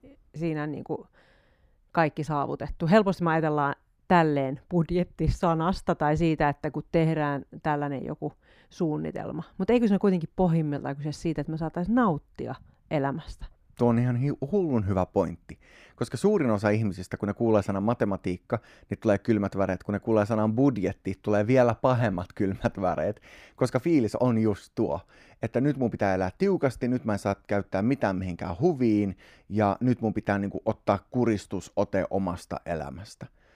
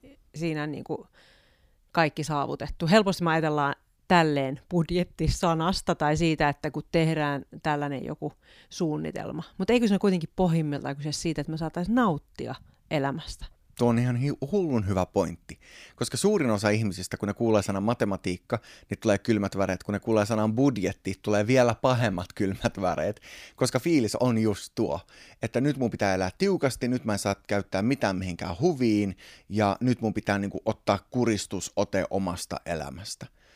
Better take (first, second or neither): second